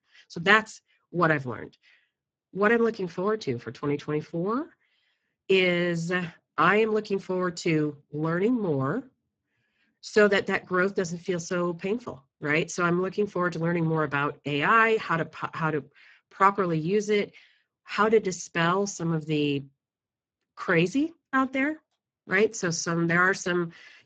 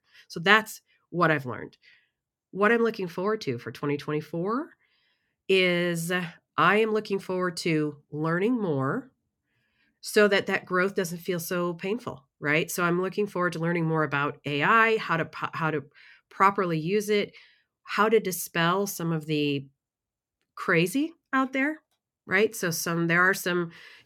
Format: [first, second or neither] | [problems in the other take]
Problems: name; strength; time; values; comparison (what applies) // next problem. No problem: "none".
second | garbled, watery; badly; nothing above 7.5 kHz